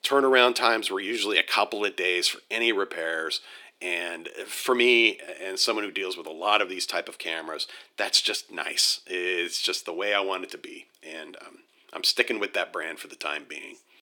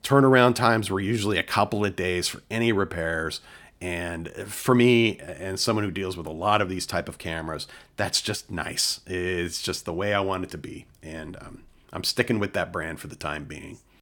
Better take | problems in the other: second | thin; somewhat; fading below 350 Hz

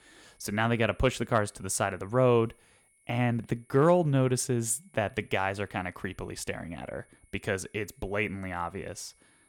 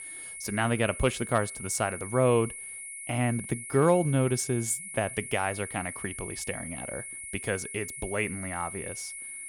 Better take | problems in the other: first | high-pitched whine; loud; throughout; 10.5 kHz, 8 dB below the speech; faint in the first

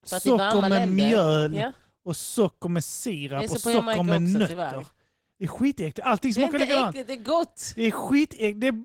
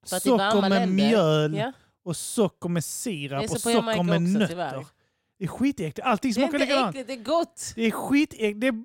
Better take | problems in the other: second | garbled, watery; slightly; nothing above 16.5 kHz

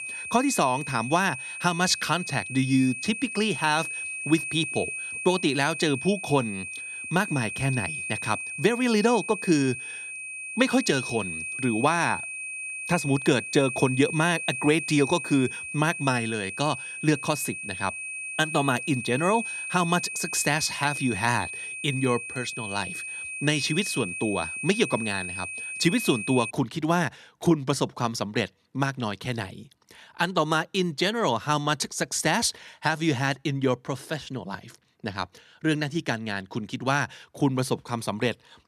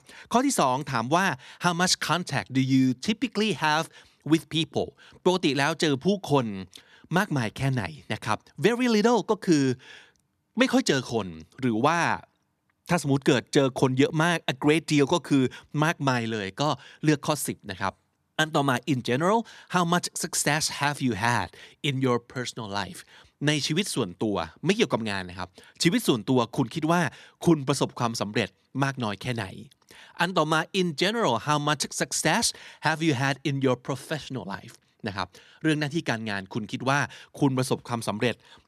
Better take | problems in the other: second | high-pitched whine; loud; until 27 s; 2.5 kHz, 6 dB below the speech

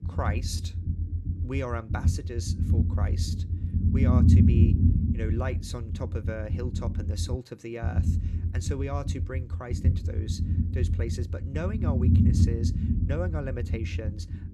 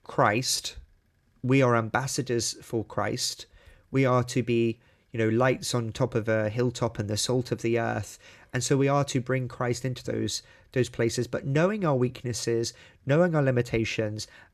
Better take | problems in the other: second | low rumble; loud; throughout; 1 dB below the speech

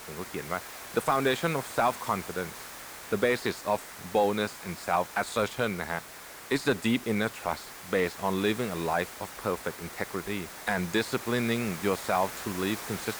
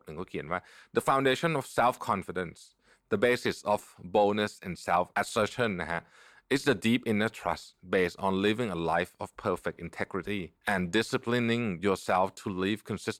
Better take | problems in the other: second | hiss; noticeable; throughout; 10 dB below the speech

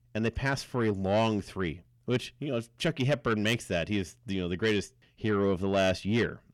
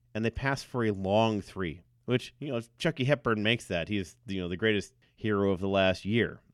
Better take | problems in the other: second | distortion; slight; 10 dB below the speech

